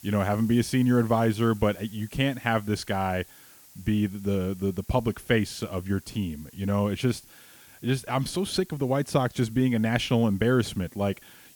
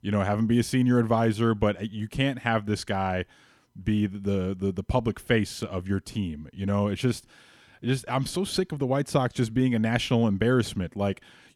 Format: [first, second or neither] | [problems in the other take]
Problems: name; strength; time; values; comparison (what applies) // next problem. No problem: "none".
second | hiss; faint; throughout; 25 dB below the speech